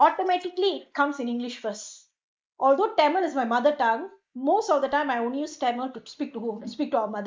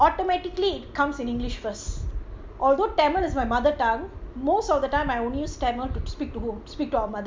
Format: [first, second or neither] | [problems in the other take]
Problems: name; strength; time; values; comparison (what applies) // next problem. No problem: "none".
second | noise reduction (neural mask model Resemble Enhance denoiser)